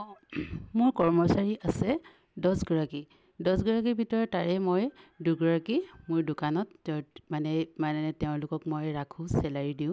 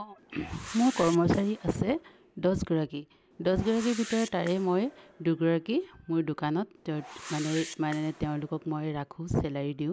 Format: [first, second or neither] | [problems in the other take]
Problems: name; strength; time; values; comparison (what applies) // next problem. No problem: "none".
first | background sound (Whoosh, swoosh, swish); 17 dB below the speech